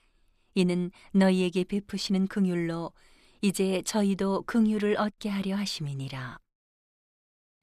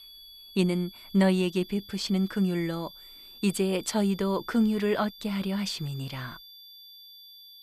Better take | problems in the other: first | high-pitched whine; noticeable; throughout; 3.5 kHz, 20 dB below the speech

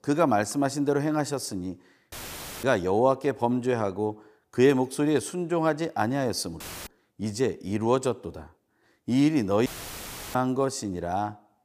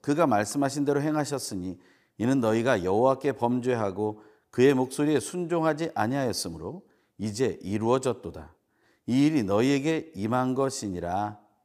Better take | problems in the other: second | audio cutting out; filled with static; at 2 s for 0.5 s, at 6.5 s and at 9.5 s for 0.5 s

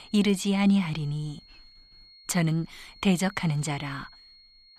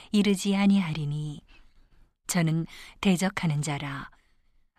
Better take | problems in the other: second | high-pitched whine; faint; throughout; 4.5 kHz, 25 dB below the speech

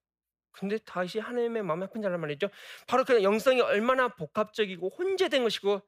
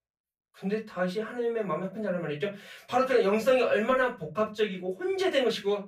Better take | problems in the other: first | off-mic speech; far // room echo; very slight; dies away in 0.2 s

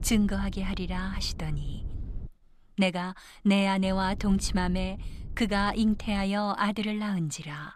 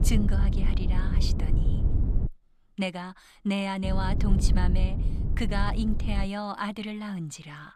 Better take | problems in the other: first | low rumble; loud; until 2.5 s and from 4 to 6.5 s; 8 dB below the speech; faint in the first

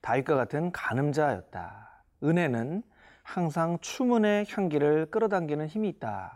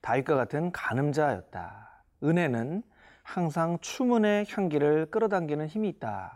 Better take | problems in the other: neither | none

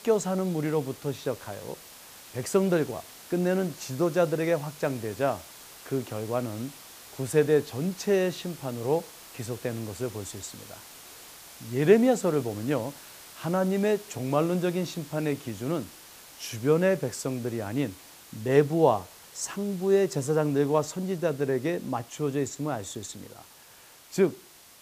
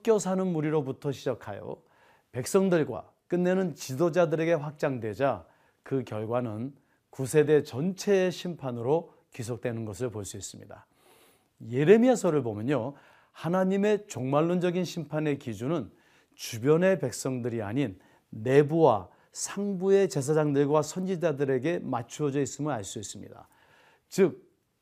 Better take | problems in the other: second | hiss; noticeable; throughout; 20 dB below the speech

